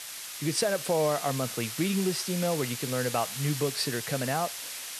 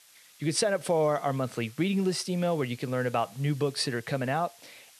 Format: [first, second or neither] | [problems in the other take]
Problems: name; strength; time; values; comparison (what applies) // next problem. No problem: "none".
second | hiss; loud; throughout; 5 dB below the speech; faint in the second